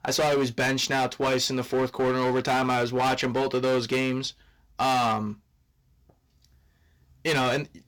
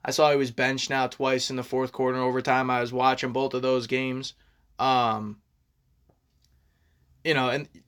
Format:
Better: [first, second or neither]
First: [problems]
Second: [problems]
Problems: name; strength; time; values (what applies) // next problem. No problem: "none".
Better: second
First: distortion; heavy; 15% of the sound clipped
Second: none